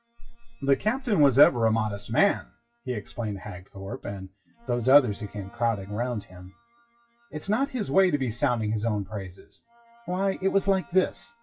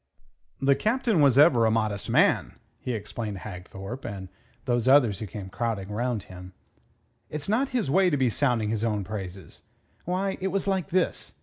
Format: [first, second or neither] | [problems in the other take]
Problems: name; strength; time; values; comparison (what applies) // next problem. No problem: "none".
second | noise reduction (classical method WPE with log-MMSE)